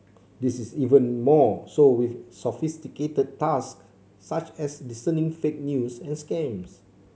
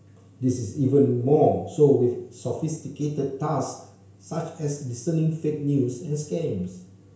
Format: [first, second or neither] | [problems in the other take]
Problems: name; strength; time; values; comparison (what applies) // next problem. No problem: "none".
first | room echo; dies away in 0.5 s